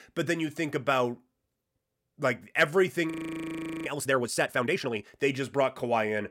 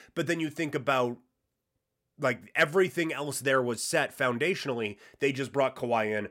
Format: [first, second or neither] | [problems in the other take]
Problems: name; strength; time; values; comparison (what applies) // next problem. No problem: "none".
second | audio freezing; at 3 s for 1 s